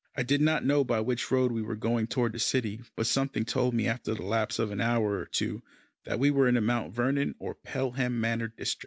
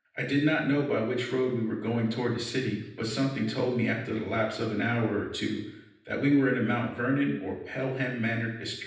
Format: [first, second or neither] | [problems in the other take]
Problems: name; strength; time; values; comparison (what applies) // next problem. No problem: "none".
first | room echo; dies away in 0.9 s